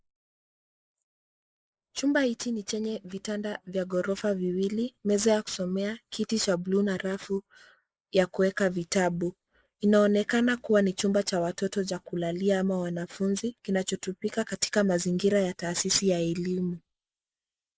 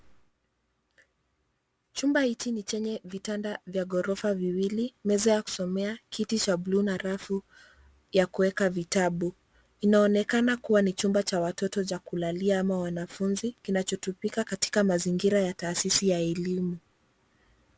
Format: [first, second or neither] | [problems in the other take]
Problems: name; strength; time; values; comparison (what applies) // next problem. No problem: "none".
second | noise reduction (neural mask model Resemble Enhance denoiser)